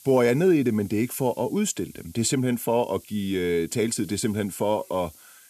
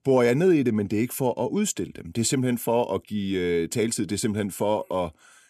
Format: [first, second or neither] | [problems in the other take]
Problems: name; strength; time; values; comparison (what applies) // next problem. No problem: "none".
second | hiss; faint; throughout; 25 dB below the speech